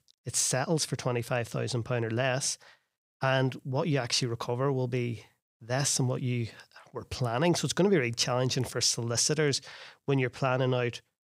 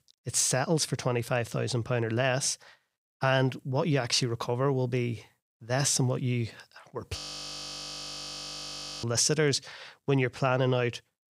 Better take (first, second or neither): first